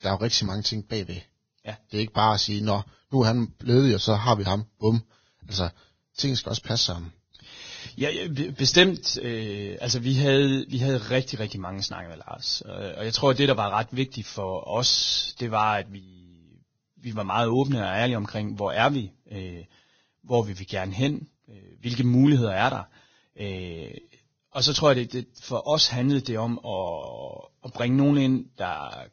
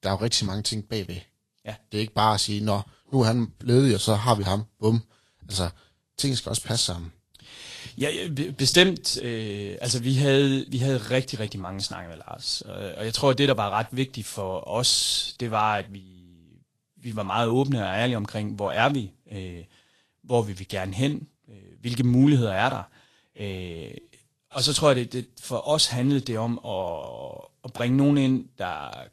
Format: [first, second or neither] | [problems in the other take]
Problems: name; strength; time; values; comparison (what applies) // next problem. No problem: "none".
second | garbled, watery; badly; nothing above 6.5 kHz; slightly in the second